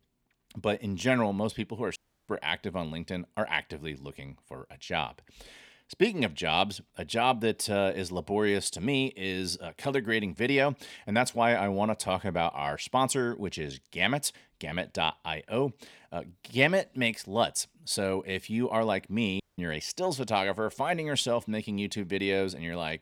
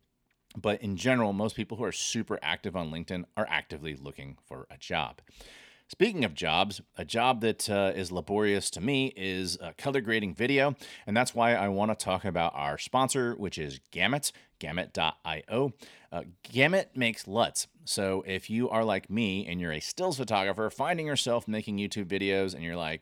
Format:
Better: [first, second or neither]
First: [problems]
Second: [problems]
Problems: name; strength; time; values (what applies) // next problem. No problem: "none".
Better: second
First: audio cutting out; at 2 s and at 19 s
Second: none